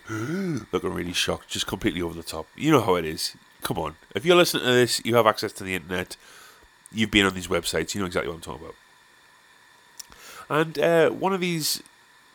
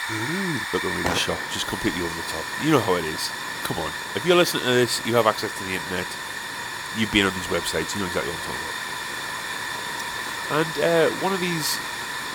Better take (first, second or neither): first